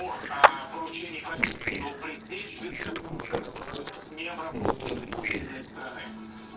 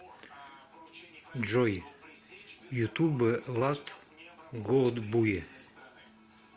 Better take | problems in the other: second | noise reduction (neural separator model SepFormer DNS4)

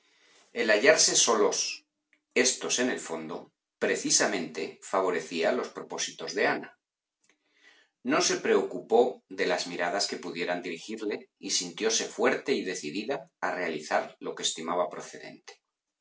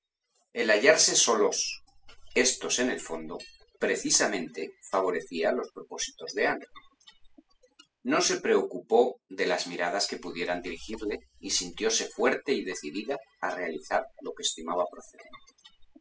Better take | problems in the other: first | noise reduction (classical method spectral subtraction)

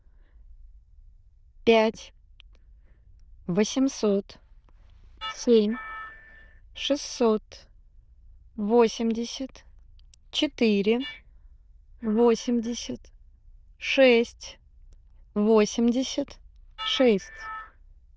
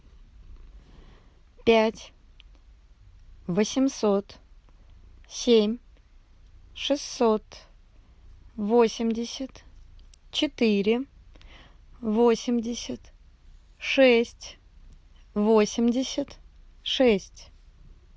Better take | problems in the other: second | noise reduction (neural diffusion model UNIVERSE++)

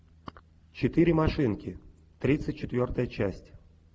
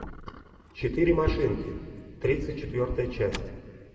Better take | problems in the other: first | background sound (Slam); 19 dB below the speech // room echo; dies away in 2 s

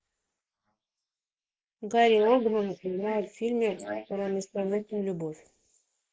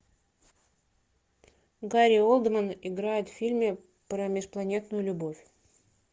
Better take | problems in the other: second | noise reduction (neural mask model Resemble Enhance denoiser)

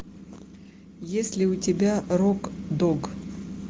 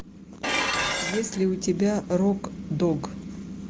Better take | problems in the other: first | background sound (Dishes, pots, and pans); 5 dB below the speech

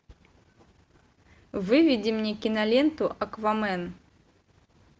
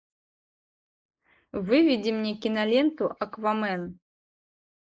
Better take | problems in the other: first | noise reduction (neural mask model Resemble Enhance denoiser)

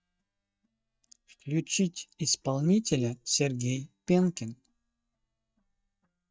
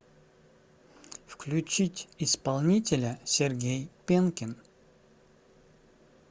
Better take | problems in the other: second | noise reduction (neural mask model DeepFilterNet 3)

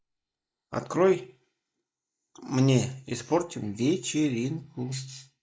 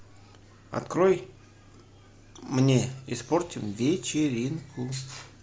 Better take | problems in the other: second | noise reduction (neural mask model Resemble Enhance denoiser)

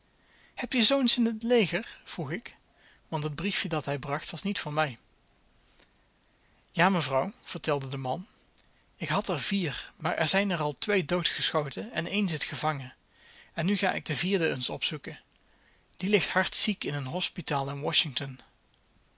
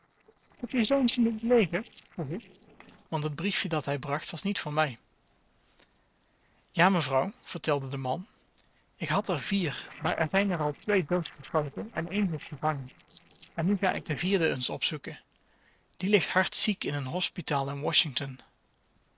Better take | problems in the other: first | noise reduction (neural separator model SepFormer DNS4)

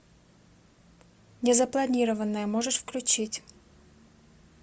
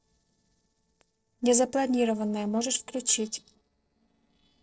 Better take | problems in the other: first | noise reduction (neural separator model SepFormer DNS4)

